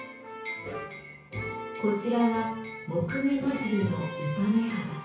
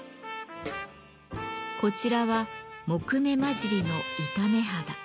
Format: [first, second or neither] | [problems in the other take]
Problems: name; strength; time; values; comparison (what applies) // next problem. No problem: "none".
second | background sound (Liquid); 15 dB below the speech // room echo; dies away in 0.6 s